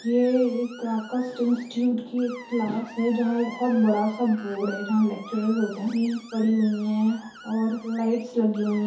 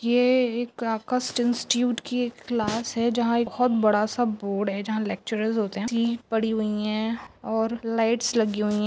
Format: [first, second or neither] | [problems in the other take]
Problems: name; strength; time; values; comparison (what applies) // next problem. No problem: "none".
second | background sound (Screech); 20 dB below the speech // room echo; dies away in 0.5 s